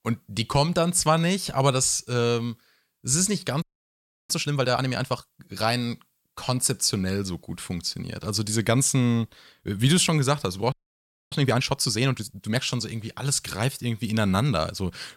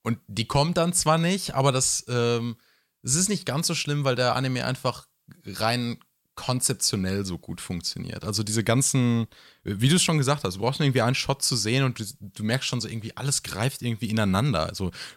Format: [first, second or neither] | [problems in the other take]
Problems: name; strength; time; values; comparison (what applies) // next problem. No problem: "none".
second | audio freezing; at 3.5 s for 0.5 s and at 11 s for 0.5 s